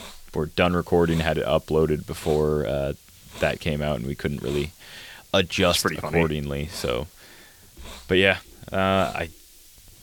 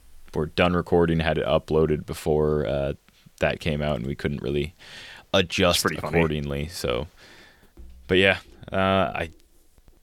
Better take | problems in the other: second | hiss; faint; throughout; 20 dB below the speech

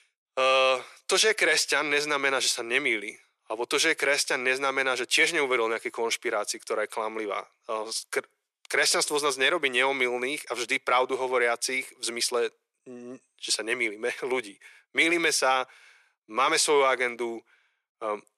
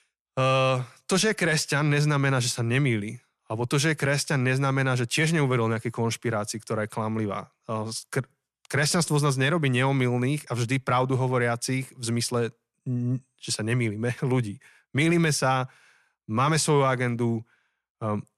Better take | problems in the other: second | thin; very; fading below 400 Hz

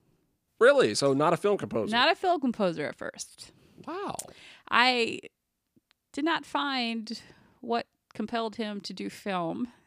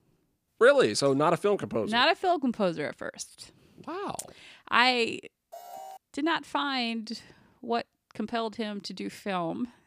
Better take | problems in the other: first | alarm; faint; at 5.5 s; peak 15 dB below the speech

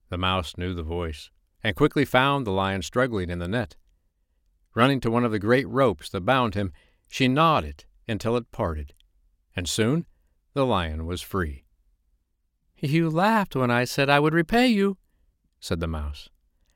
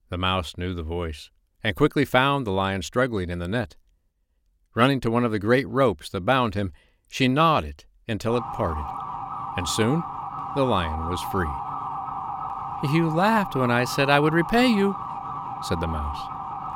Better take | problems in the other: first | siren; noticeable; from 8.5 s on; peak 7 dB below the speech

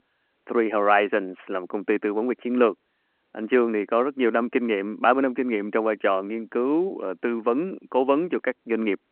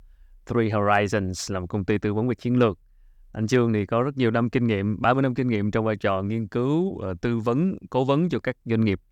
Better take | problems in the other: second | phone-call audio

